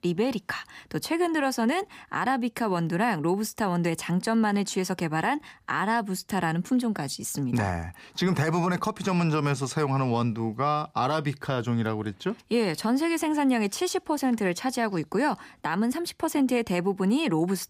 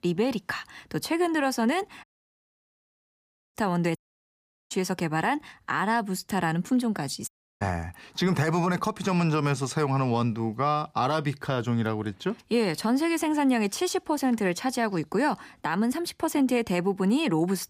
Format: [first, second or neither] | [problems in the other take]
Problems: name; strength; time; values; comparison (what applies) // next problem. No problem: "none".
first | audio cutting out; at 2 s for 1.5 s, at 4 s for 0.5 s and at 7.5 s